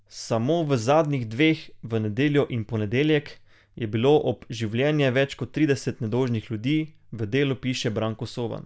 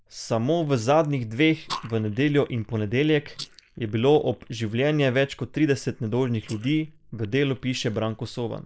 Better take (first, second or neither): first